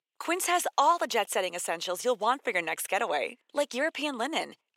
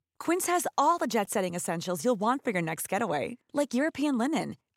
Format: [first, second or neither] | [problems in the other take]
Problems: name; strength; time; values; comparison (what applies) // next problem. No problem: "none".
second | thin; somewhat; fading below 500 Hz